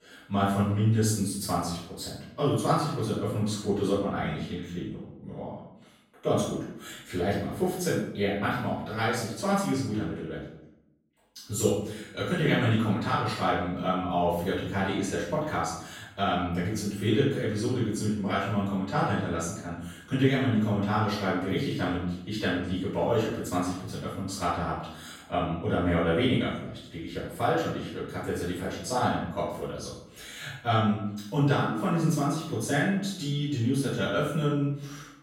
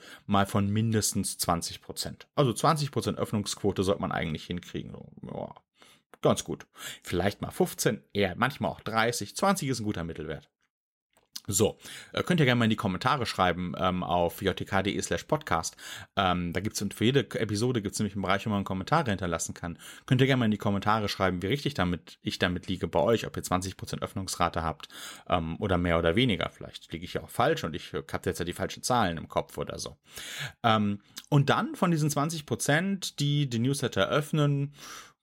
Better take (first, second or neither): second